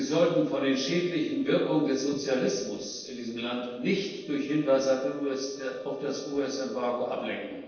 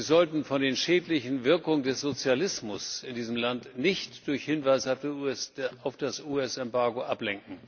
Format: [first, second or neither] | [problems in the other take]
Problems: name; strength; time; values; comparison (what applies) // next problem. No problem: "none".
second | noise reduction (neural separator model SepFormer DNS4)